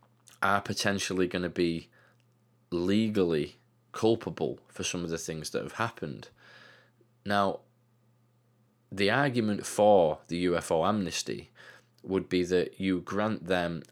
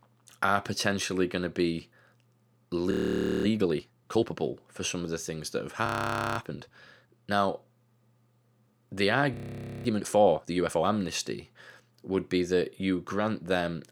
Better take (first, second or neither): first